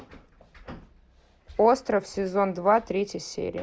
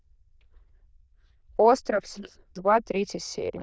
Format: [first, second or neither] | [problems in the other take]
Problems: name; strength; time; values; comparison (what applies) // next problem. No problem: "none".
first | noise reduction (neural diffusion model UNIVERSE++)